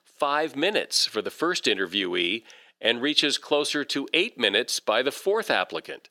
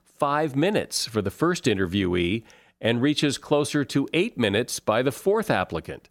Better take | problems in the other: second | thin; somewhat; fading below 400 Hz

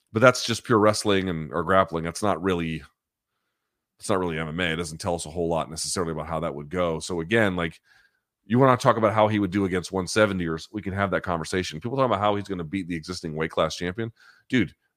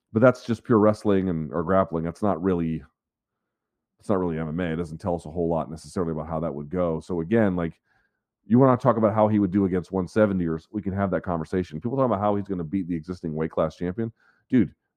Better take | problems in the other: first | muffled; very; fading above 1.5 kHz

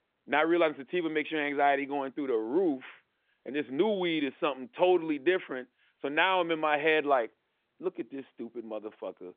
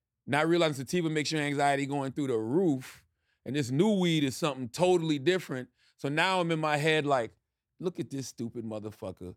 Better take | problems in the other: second | phone-call audio; nothing above 3.5 kHz

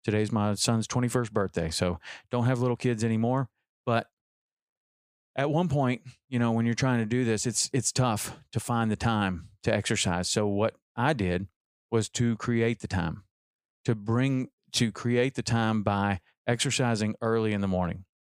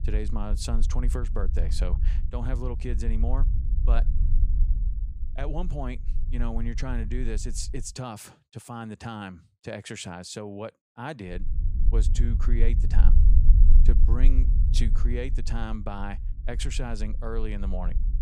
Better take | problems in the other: first | low rumble; loud; until 8 s and from 11 s on; 10 dB below the speech

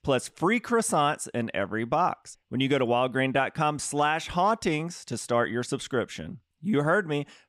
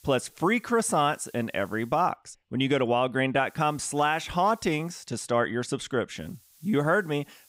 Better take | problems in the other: first | hiss; faint; until 2 s, from 3.5 to 5 s and from 6 s on; 30 dB below the speech

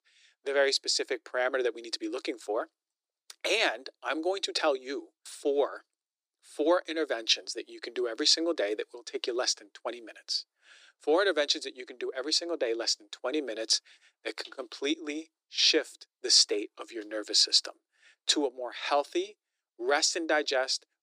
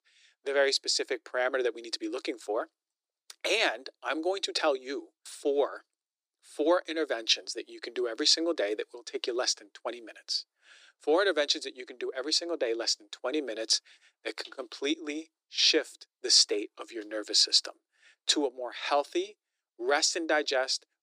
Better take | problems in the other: neither | thin; very; fading below 300 Hz; the same in both

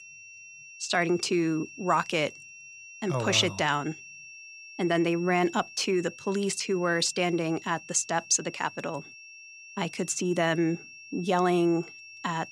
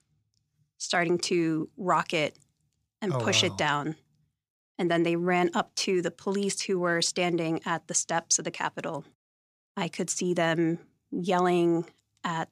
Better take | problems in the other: second | high-pitched whine; noticeable; throughout; 2.5 kHz, 15 dB below the speech

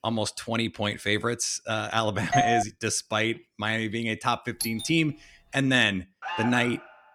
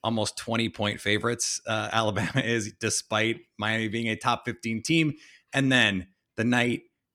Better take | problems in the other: second | doorbell; loud; at 2.5 s; peak 3 dB above the speech // doorbell; noticeable; at 4.5 s; peak 6 dB below the speech // alarm; noticeable; at 6 s; peak 5 dB below the speech

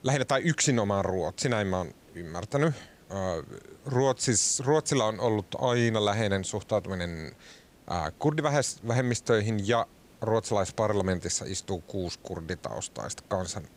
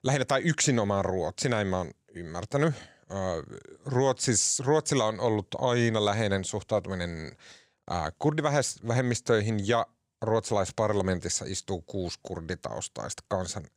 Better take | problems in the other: second | hiss; faint; throughout; 30 dB below the speech

